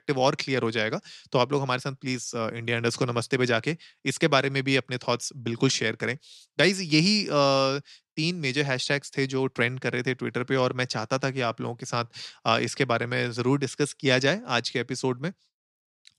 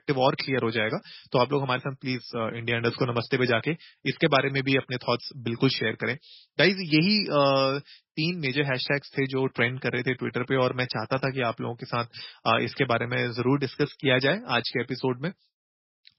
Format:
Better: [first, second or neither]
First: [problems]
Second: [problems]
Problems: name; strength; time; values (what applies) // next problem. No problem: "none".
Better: first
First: none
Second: garbled, watery; badly; nothing above 5.5 kHz